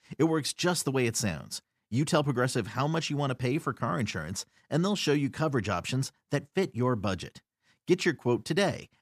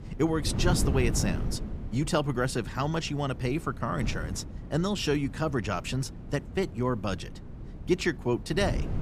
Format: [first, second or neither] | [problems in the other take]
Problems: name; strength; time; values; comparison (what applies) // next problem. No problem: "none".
first | wind noise on the microphone; occasional gusts; 15 dB below the speech